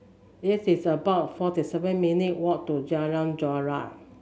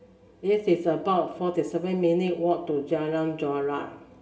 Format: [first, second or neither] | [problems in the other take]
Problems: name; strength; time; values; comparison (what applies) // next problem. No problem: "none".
first | room echo; dies away in 0.8 s